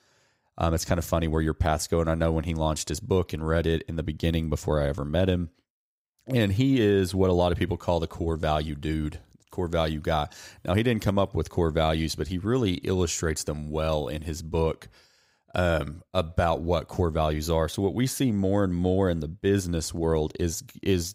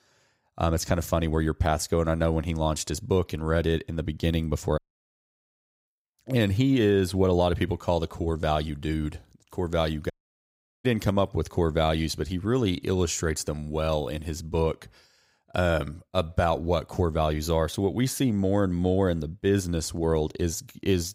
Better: first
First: none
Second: audio cutting out; at 5 s for 1 s and at 10 s for 0.5 s

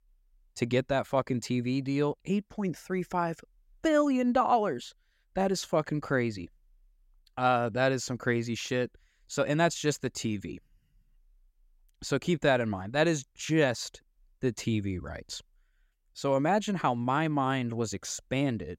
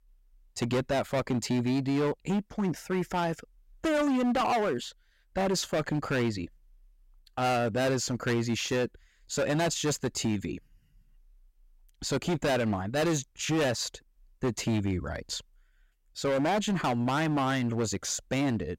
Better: first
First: none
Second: distortion; heavy; 14% of the sound clipped

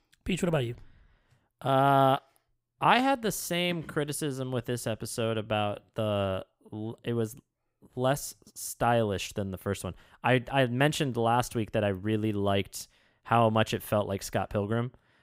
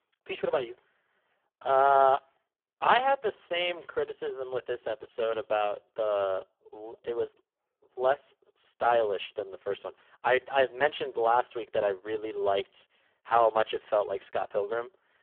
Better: first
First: none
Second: phone-call audio; poor line

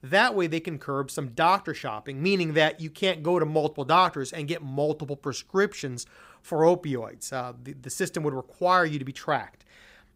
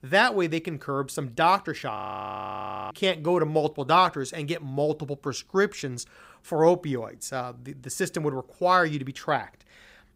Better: first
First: none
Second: audio freezing; at 2 s for 1 s

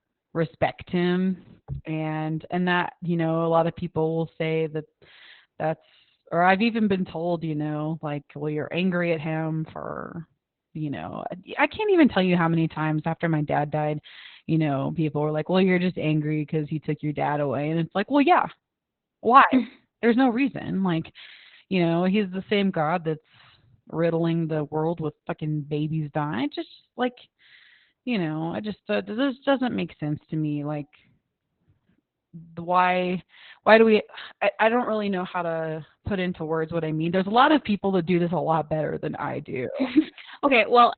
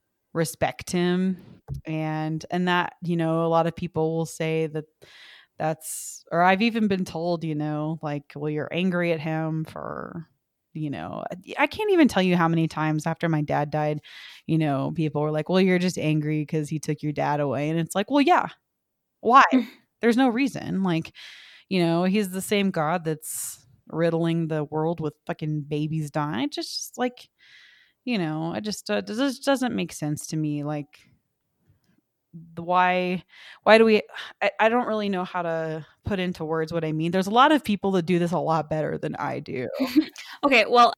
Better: second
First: garbled, watery; badly; nothing above 4 kHz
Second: none

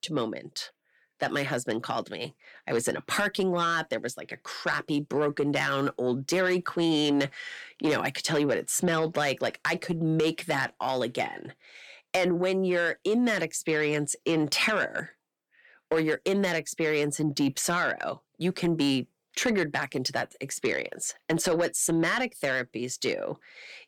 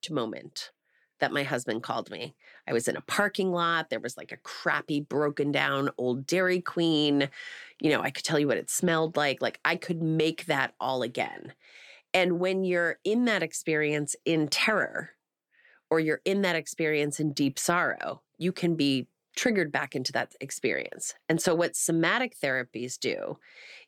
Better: second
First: distortion; slight; 10 dB below the speech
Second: none

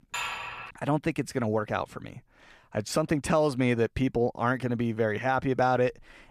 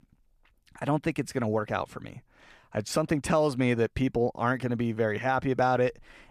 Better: second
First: clattering dishes; noticeable; at the start; peak 5 dB below the speech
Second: none

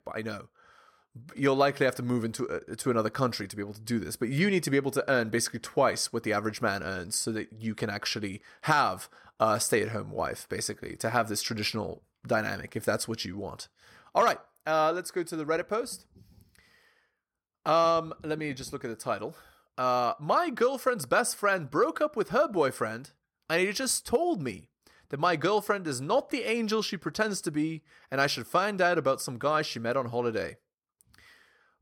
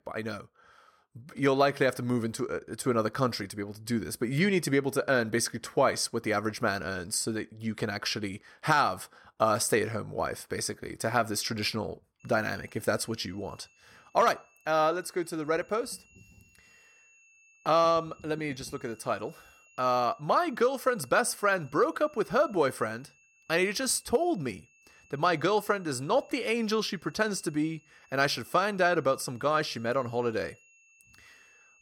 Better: first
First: none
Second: high-pitched whine; faint; from 12 s on; 2.5 kHz, 30 dB below the speech

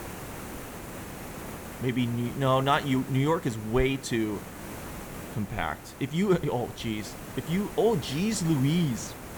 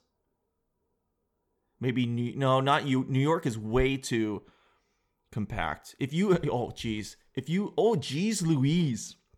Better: second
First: hiss; noticeable; throughout; 15 dB below the speech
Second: none

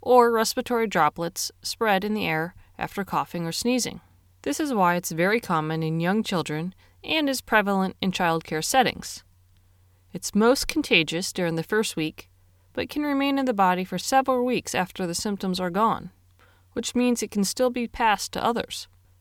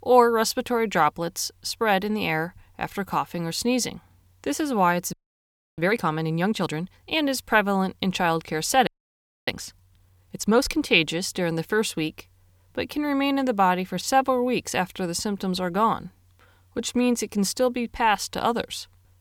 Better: first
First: none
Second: audio freezing; at 5 s for 0.5 s and at 9 s for 0.5 s

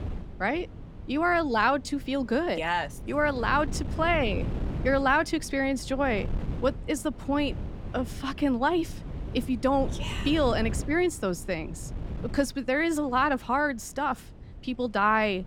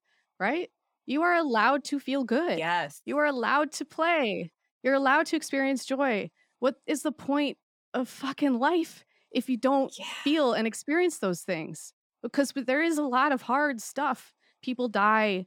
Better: second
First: wind noise on the microphone; occasional gusts; 20 dB below the speech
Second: none

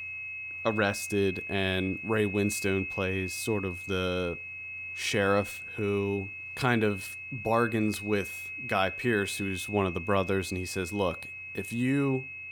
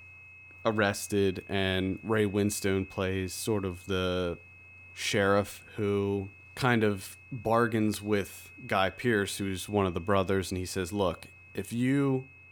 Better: second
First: high-pitched whine; loud; throughout; 2.5 kHz, 7 dB below the speech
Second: high-pitched whine; faint; throughout; 2.5 kHz, 20 dB below the speech

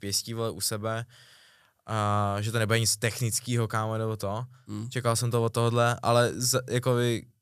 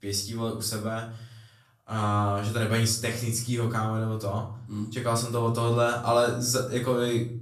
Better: first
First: none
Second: off-mic speech; far // room echo; slight; dies away in 0.5 s

